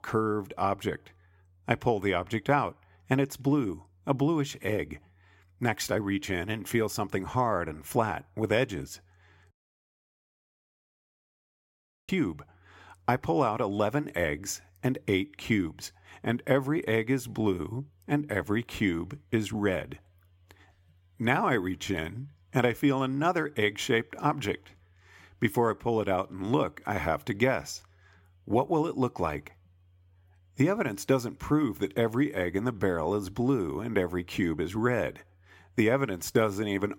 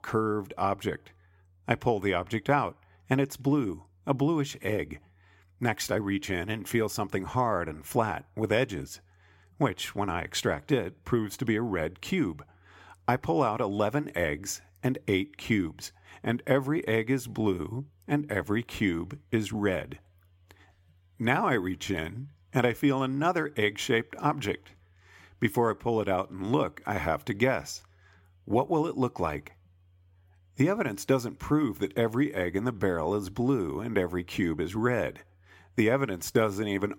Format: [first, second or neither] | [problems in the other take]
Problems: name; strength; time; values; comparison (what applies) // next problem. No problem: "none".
second | audio cutting out; at 9.5 s for 2.5 s